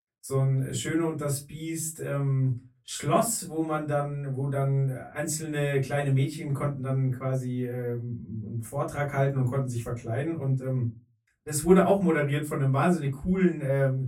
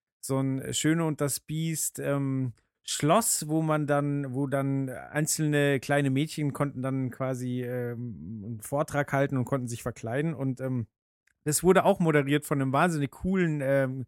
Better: second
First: off-mic speech; far // room echo; very slight; dies away in 0.2 s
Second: none

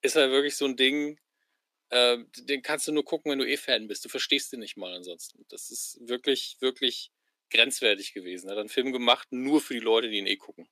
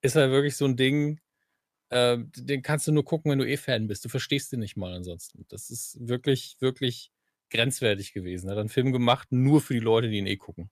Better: second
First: thin; somewhat; fading below 250 Hz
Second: none

